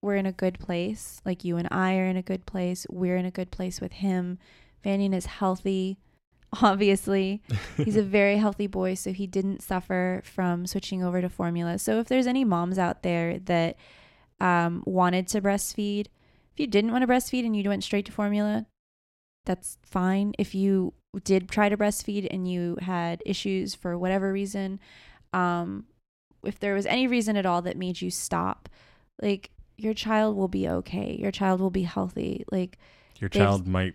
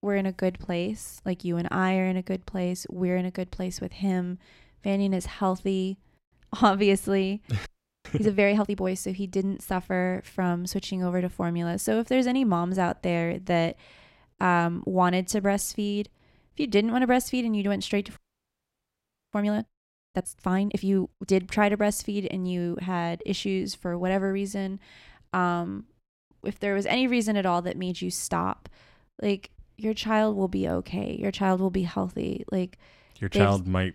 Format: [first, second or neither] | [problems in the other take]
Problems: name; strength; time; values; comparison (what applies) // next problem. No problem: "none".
first | audio freezing; at 7.5 s and at 18 s for 1 s